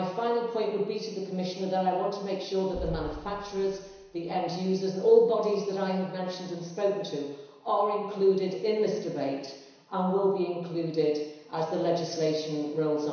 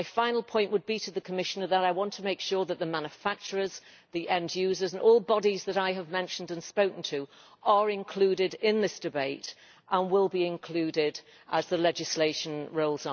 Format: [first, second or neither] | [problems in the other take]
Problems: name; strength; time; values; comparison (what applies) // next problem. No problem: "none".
second | background sound (Boom); 15 dB below the speech // room echo; dies away in 1 s